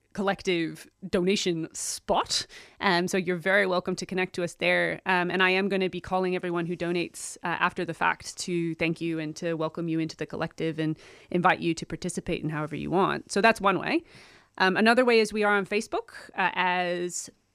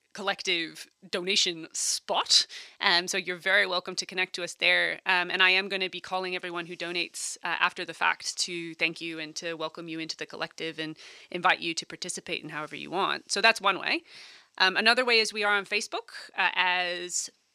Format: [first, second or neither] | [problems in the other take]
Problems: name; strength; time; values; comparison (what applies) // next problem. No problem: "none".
first | thin; somewhat; fading below 650 Hz